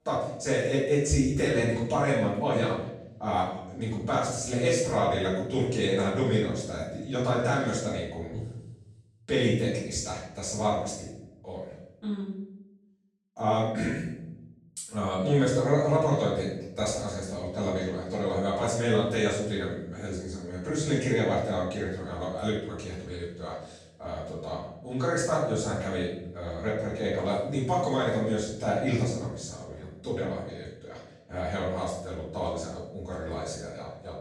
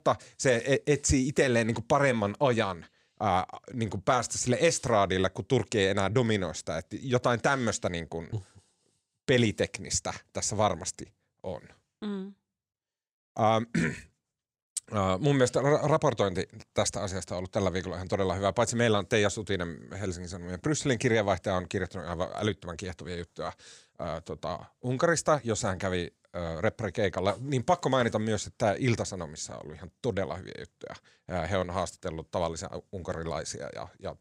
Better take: second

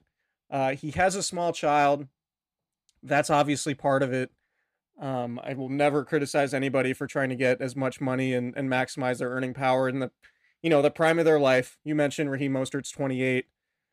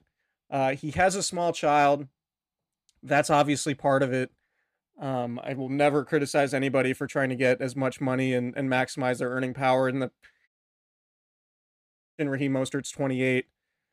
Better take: first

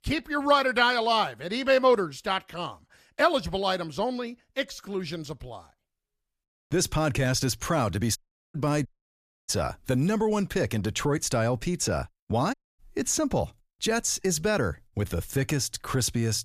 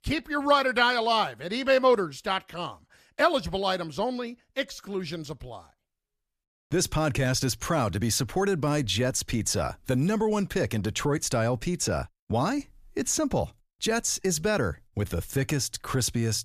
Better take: second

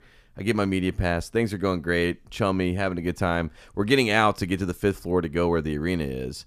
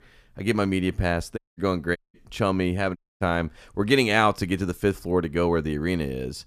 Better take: first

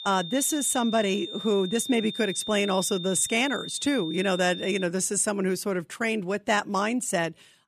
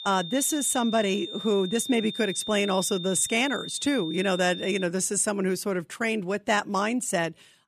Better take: neither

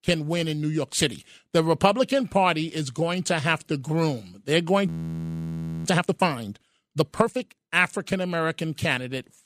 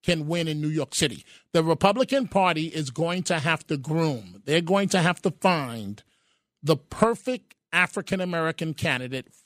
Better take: second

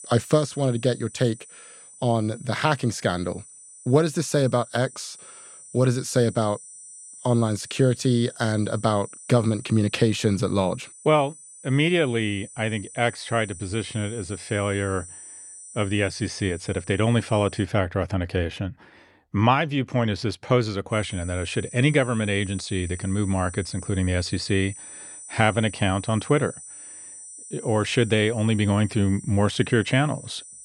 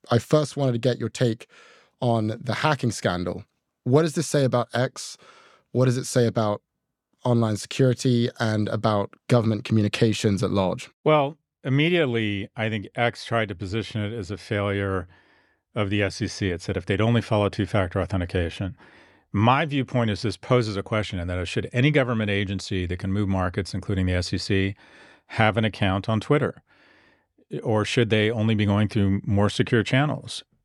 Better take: second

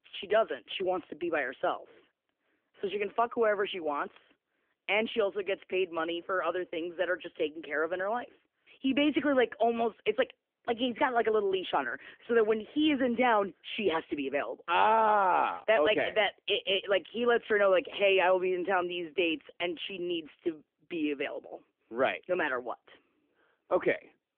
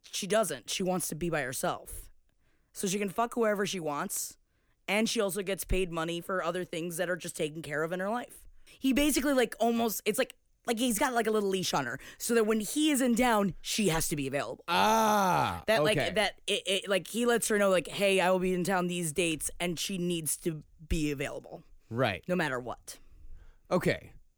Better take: second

